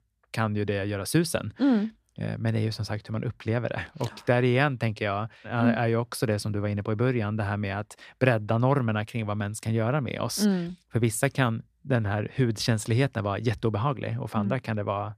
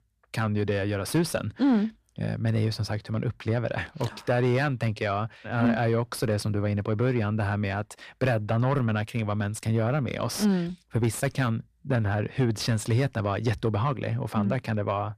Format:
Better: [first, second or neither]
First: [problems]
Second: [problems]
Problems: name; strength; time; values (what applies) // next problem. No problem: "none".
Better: first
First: none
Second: distortion; slight; 10 dB below the speech